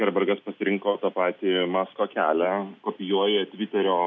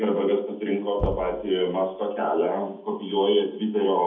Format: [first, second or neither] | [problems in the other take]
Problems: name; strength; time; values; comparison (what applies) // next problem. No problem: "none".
first | background sound (Knock); 12 dB below the speech // room echo; dies away in 0.7 s